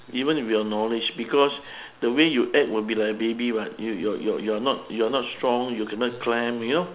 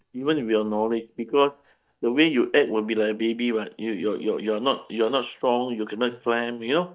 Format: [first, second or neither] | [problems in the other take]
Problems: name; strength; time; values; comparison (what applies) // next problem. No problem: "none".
first | noise reduction (neural mask model DeepFilterNet 3)